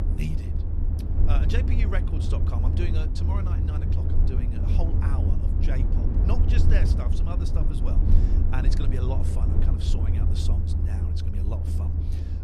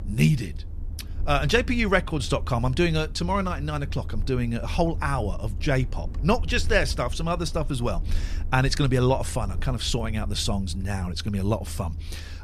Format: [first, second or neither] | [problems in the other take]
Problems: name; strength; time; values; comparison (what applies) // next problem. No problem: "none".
second | low rumble; loud; throughout; as loud as the speech; faint in the second